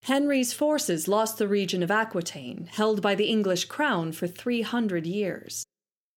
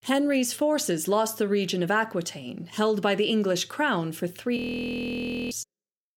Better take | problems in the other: first | audio freezing; at 4.5 s for 1 s

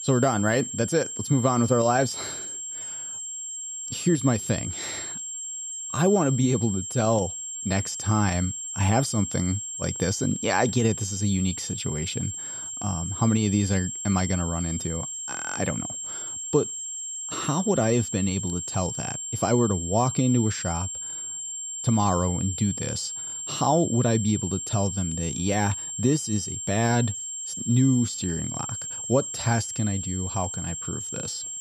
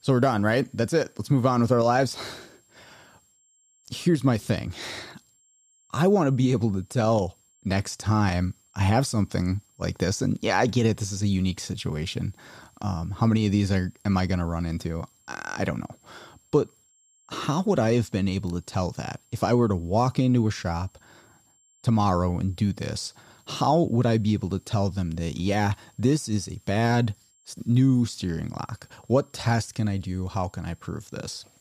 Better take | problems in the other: second | high-pitched whine; loud; throughout; 7.5 kHz, 5 dB below the speech; faint in the second

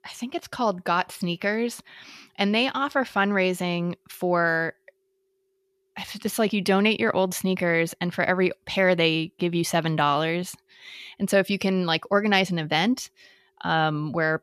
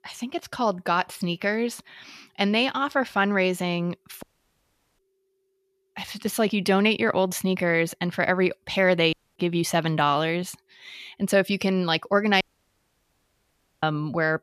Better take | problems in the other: first | audio cutting out; at 4 s for 1 s, at 9 s and at 12 s for 1.5 s

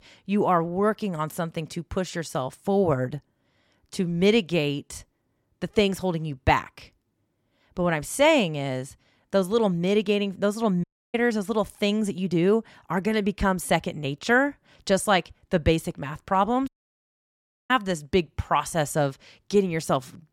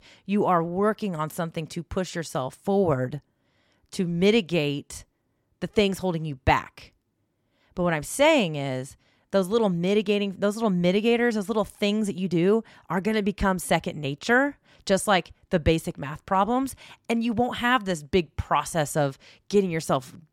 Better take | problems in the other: second | audio cutting out; at 11 s and at 17 s for 1 s

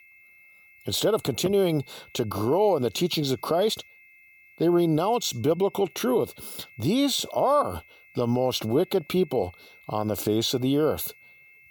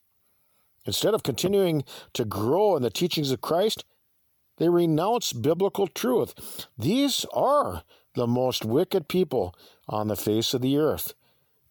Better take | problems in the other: second | high-pitched whine; faint; throughout; 2 kHz, 25 dB below the speech

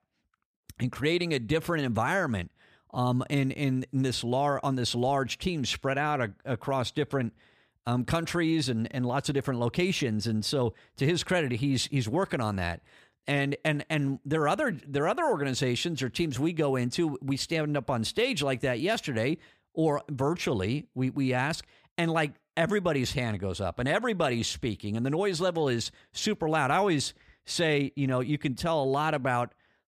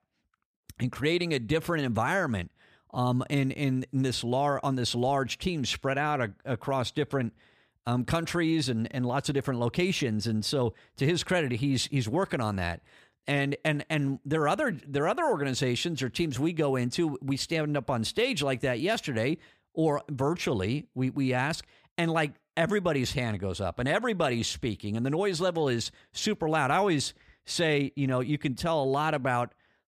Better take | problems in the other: neither | none

